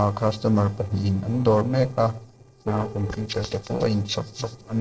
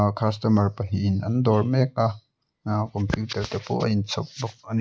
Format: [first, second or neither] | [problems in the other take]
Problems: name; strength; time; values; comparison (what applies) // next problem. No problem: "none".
second | noise reduction (neural separator model SepFormer DNS4)